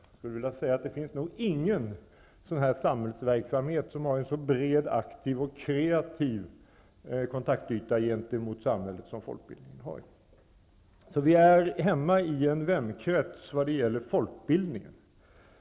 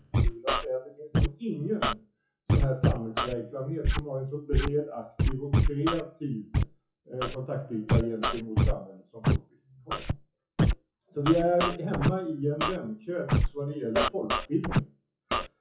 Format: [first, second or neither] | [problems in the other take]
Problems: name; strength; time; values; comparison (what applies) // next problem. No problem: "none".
first | noise reduction (classical method WPE with log-MMSE)